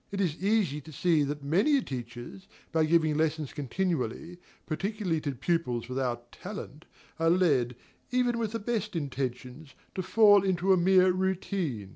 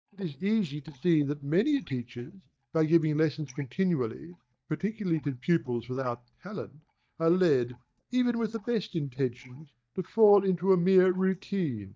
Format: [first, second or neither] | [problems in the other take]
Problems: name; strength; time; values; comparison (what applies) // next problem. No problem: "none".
first | noise reduction (neural mask model DeepFilterNet 3)